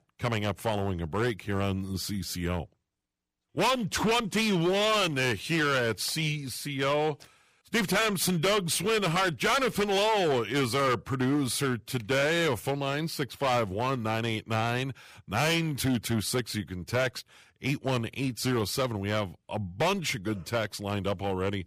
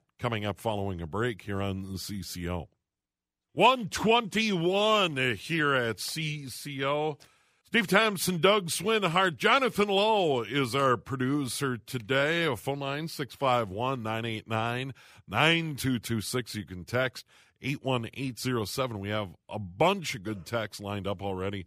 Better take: second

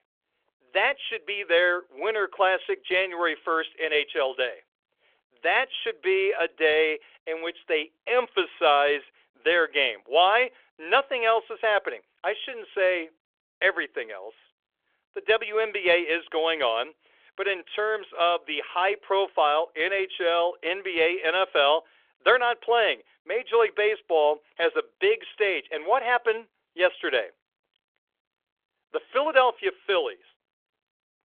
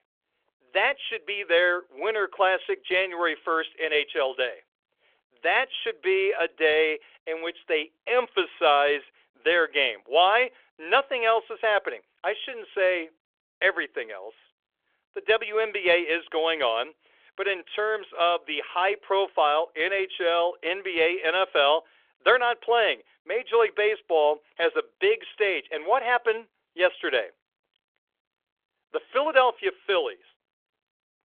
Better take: neither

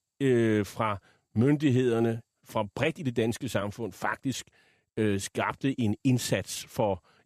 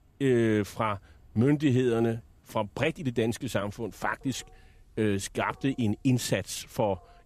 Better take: first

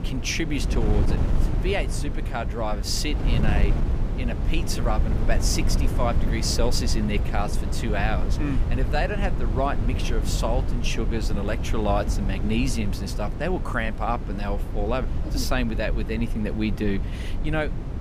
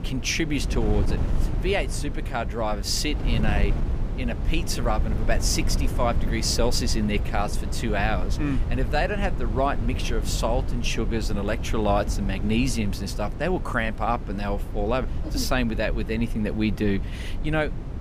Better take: second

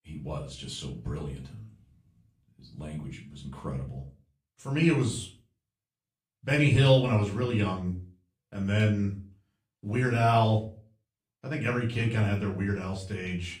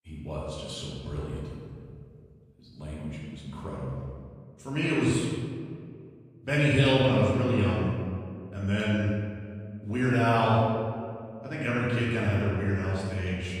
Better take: first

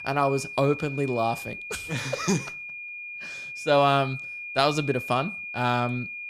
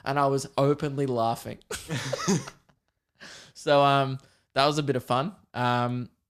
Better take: second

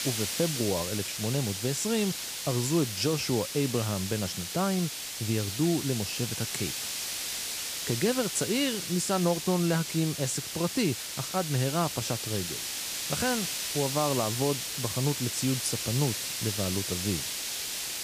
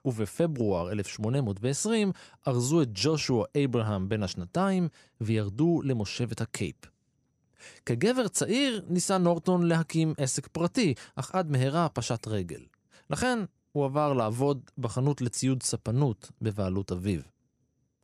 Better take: second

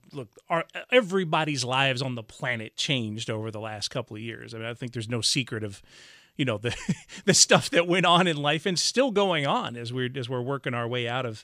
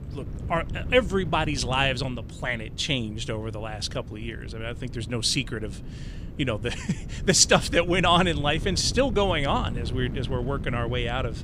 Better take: first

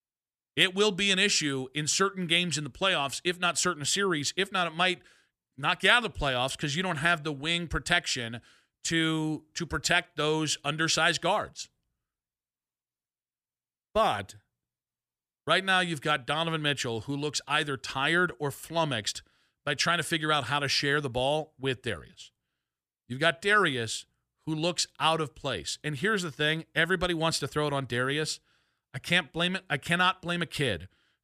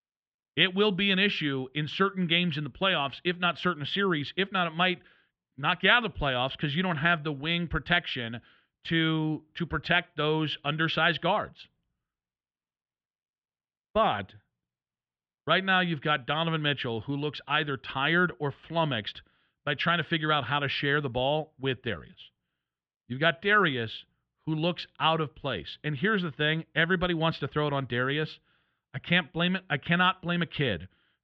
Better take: first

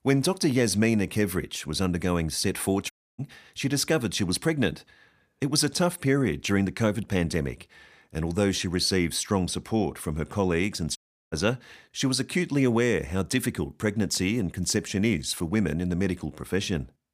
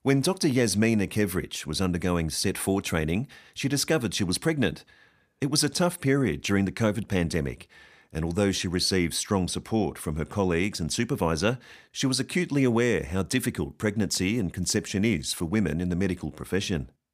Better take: second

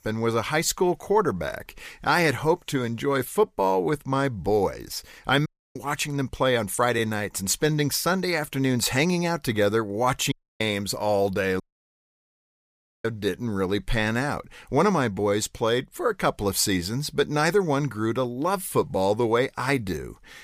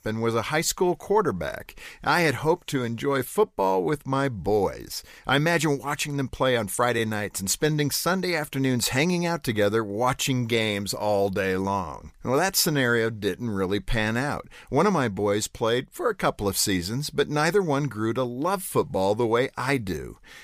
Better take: second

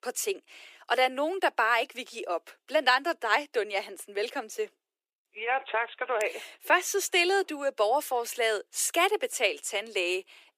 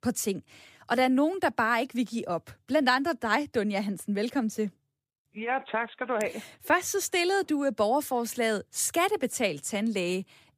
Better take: second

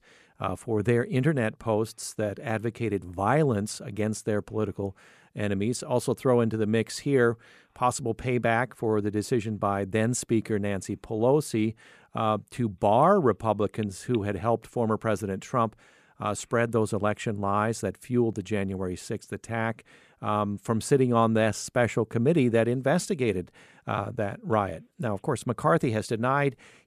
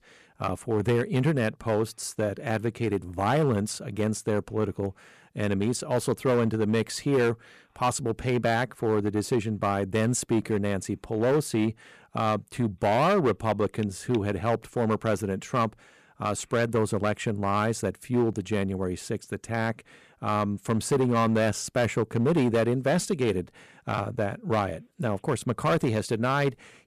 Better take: first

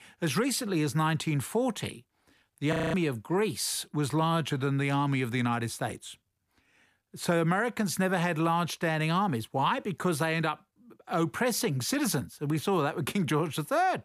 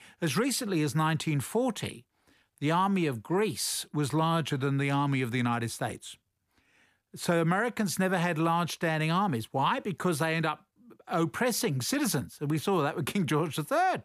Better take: second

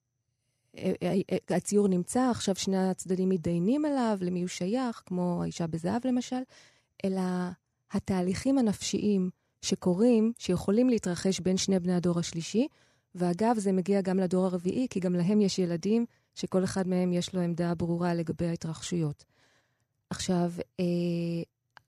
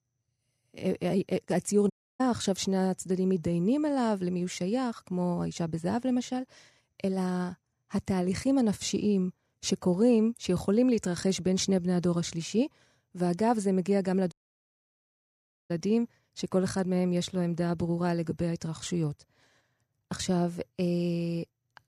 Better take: first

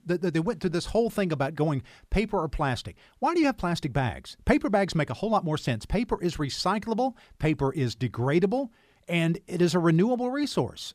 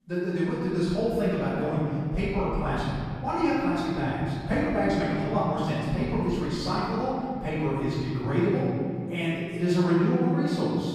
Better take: first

